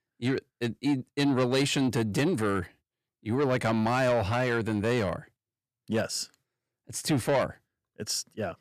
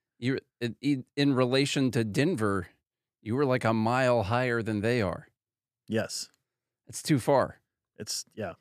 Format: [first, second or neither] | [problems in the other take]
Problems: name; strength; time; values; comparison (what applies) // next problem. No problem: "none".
second | distortion; slight; 10 dB below the speech